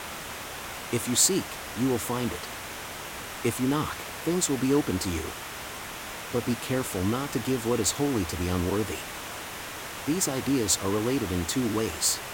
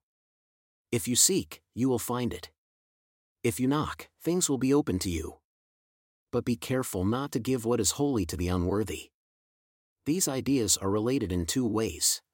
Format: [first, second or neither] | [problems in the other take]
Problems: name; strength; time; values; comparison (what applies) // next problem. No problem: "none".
second | hiss; loud; throughout; 9 dB below the speech